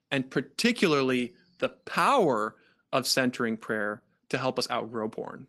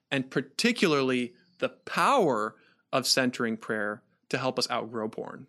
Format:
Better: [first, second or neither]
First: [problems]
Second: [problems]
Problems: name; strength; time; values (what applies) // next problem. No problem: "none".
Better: second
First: garbled, watery; slightly; nothing above 14.5 kHz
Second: none